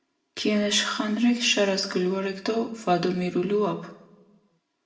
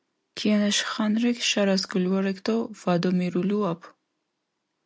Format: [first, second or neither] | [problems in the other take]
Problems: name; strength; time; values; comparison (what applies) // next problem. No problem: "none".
second | room echo; dies away in 0.7 s